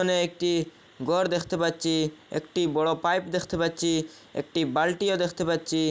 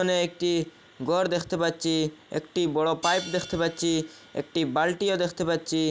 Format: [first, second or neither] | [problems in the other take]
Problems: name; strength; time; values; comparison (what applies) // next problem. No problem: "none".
first | background sound (Hi-hat); 18 dB below the speech